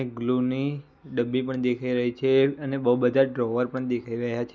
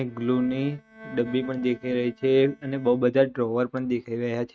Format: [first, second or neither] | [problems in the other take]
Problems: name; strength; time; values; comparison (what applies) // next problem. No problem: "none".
first | noise reduction (neural mask model RNNoise)